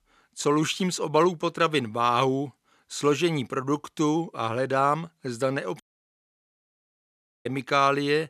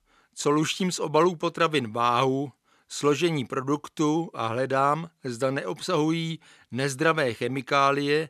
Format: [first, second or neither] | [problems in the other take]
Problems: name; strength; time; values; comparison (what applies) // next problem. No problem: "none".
second | audio cutting out; at 6 s for 1.5 s